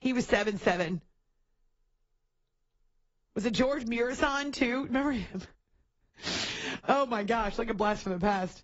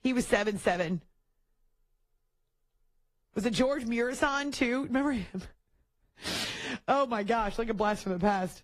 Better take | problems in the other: second | garbled, watery; badly; nothing above 7.5 kHz; slightly in the second

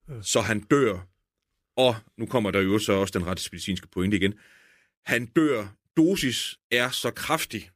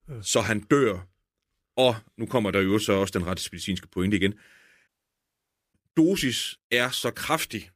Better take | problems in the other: first | audio cutting out; at 5 s for 1 s

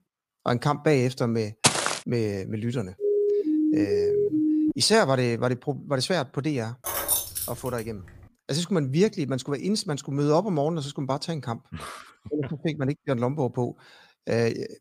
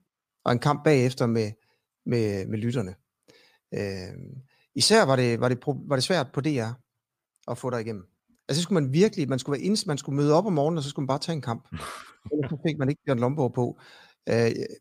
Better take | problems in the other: second | footsteps; loud; at 1.5 s; peak 5 dB above the speech // siren; loud; from 3 to 4.5 s; peak 3 dB above the speech // jangling keys; loud; at 7 s; peak 3 dB above the speech

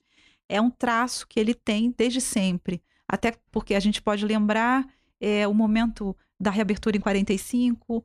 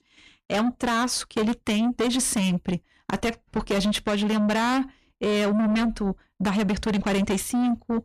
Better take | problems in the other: first | distortion; heavy; 8 dB below the speech

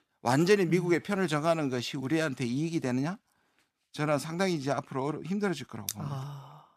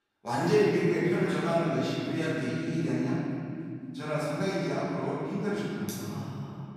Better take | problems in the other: first | room echo; strong; dies away in 2.9 s // off-mic speech; far

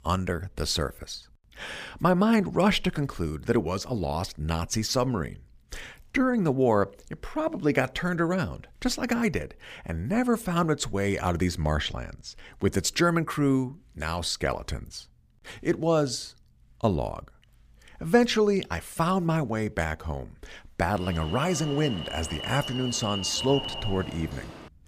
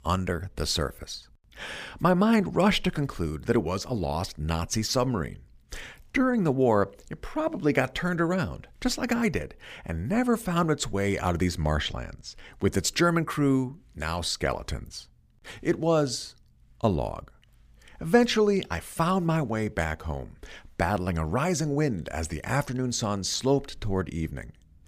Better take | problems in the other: second | alarm; noticeable; from 21 s on; peak 4 dB below the speech

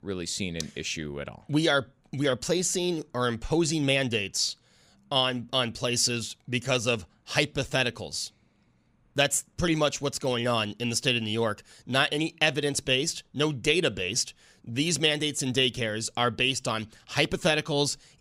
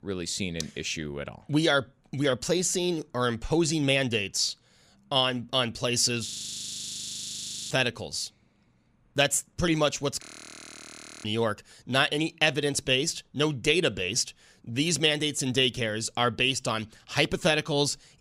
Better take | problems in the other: first | audio freezing; at 6.5 s for 1.5 s and at 10 s for 1 s

